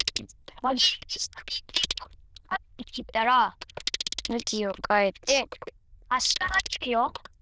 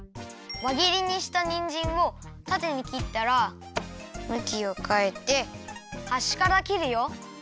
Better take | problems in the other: second | noise reduction (neural diffusion model UNIVERSE++)

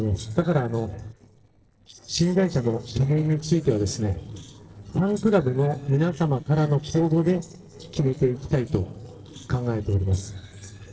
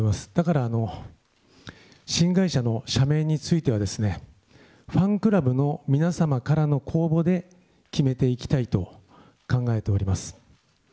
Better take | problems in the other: second | noise reduction (neural separator model SepFormer DNS4)

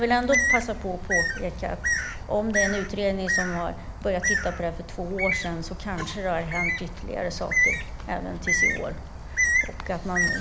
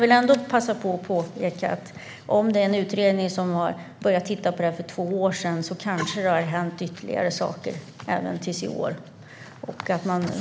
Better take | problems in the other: second | background sound (Bird); 2 dB above the speech

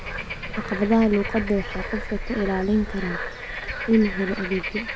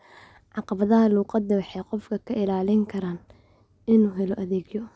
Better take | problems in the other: second | background sound (Bird / Frog); 6 dB below the speech

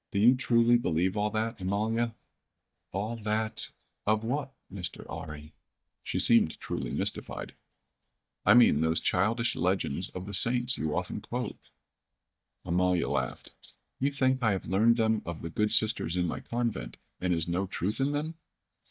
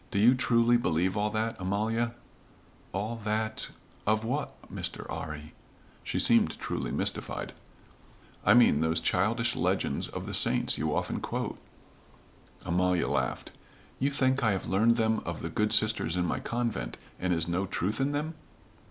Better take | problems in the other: second | noise reduction (neural mask model DeepFilterNet 3)

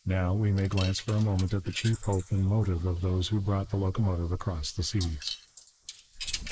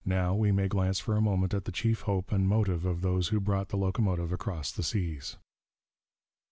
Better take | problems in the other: second | noise reduction (neural mask model Resemble Enhance denoiser)

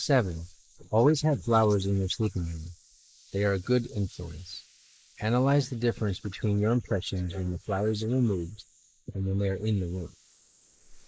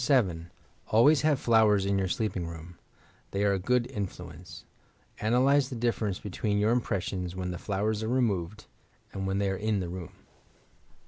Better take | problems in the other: second | noise reduction (neural mask model Resemble Enhance denoiser)

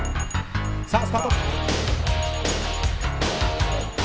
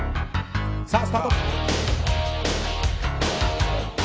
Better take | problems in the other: second | background sound (Traffic noise, roadway noise + Bell); 15 dB below the speech

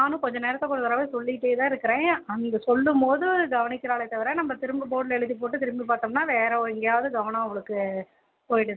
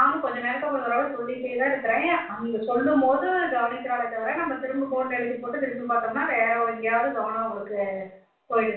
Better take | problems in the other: first | room echo; dies away in 0.4 s

